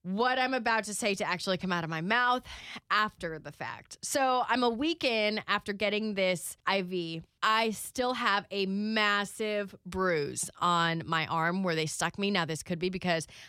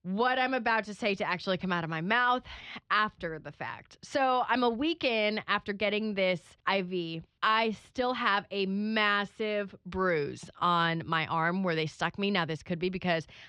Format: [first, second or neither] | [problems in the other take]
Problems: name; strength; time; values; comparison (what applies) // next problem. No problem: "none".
first | muffled; very slightly; fading above 4 kHz